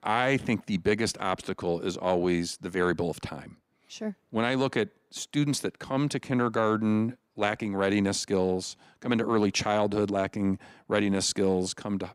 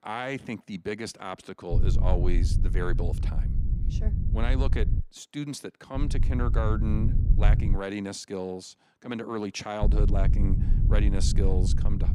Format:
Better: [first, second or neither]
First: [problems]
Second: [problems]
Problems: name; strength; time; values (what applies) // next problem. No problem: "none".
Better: first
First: none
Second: low rumble; loud; from 1.5 to 5 s, from 6 to 8 s and from 10 s on; 8 dB below the speech